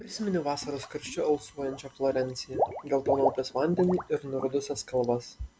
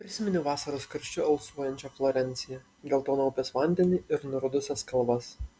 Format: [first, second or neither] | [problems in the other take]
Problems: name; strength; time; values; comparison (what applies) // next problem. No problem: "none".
second | background sound (Water / Liquid); 7 dB below the speech